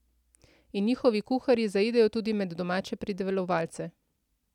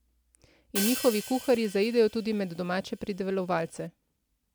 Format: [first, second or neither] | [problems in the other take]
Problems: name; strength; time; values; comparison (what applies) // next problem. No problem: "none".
first | background sound (Hi-hat); 11 dB below the speech